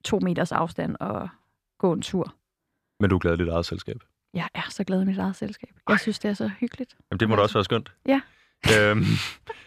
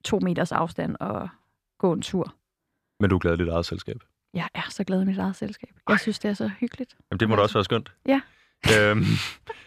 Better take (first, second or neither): neither